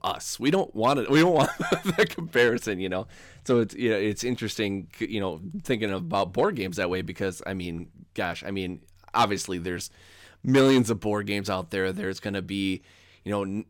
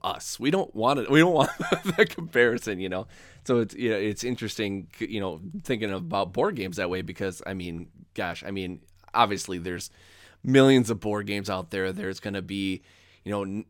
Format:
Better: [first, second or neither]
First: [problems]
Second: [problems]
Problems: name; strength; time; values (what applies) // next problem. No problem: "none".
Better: second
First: distortion; slight; 1.5% of the sound clipped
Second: none